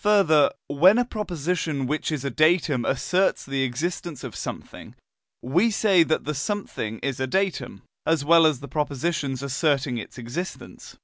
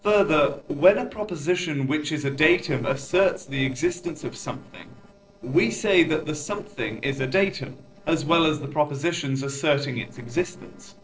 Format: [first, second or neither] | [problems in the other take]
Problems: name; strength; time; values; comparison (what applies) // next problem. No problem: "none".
first | noise reduction (neural separator model SepFormer DNS4)